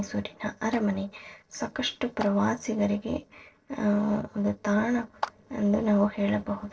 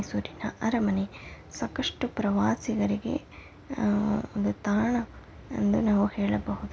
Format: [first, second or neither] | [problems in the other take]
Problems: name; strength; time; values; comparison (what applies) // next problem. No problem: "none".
second | noise reduction (neural separator model SepFormer DNS4)